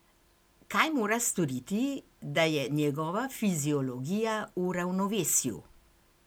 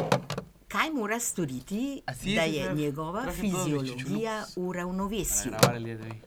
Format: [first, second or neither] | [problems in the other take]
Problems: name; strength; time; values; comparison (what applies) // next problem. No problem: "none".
first | background sound (Telephone); 2 dB below the speech